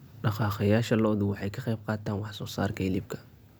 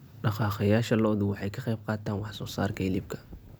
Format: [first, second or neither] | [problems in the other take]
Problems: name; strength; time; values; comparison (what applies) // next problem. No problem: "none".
first | background sound (Wind); 20 dB below the speech